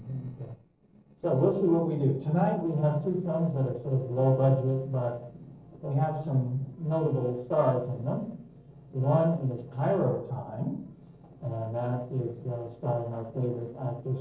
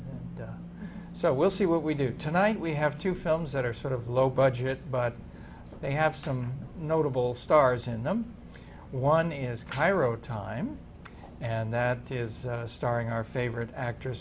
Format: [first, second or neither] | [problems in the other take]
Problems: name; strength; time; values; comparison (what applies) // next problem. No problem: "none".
second | noise reduction (neural separator model SepFormer DNS4)